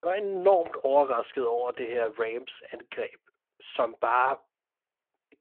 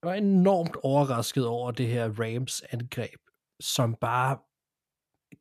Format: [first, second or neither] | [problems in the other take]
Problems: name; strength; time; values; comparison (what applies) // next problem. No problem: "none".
second | phone-call audio